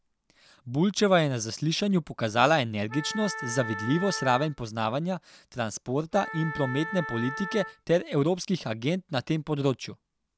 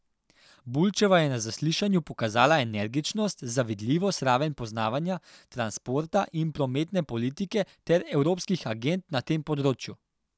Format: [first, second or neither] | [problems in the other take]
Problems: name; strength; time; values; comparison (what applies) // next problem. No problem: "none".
second | background sound (Wind instrument, woodwind instrument); 10 dB below the speech